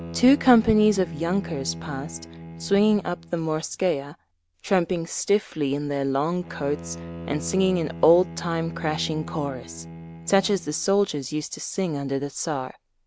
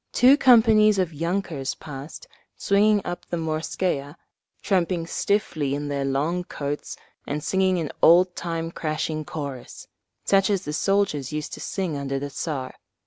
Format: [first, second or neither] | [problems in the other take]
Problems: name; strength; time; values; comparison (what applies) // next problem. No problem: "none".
second | background sound (Bowed string instrument); 15 dB below the speech